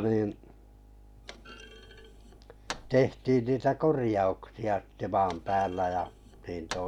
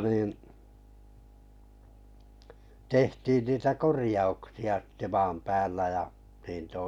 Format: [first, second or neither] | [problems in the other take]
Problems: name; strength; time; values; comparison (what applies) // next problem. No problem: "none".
second | background sound (Thump, thud); 19 dB below the speech